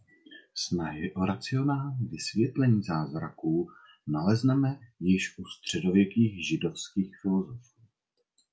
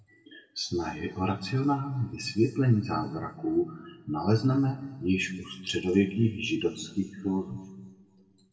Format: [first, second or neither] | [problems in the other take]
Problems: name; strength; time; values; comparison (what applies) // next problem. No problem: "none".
first | room echo; dies away in 1.4 s